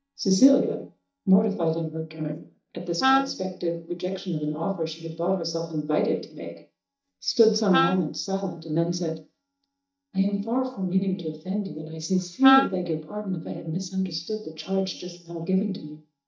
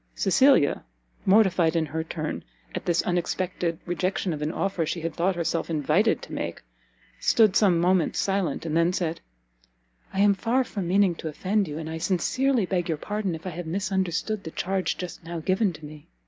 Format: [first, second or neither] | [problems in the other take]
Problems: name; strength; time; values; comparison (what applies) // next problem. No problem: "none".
second | noise reduction (neural mask model DeepFilterNet 3)